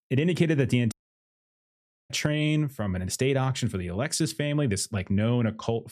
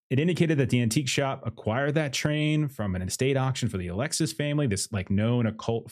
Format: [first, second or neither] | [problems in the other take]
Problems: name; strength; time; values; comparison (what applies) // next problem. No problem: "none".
second | audio cutting out; at 1 s for 1 s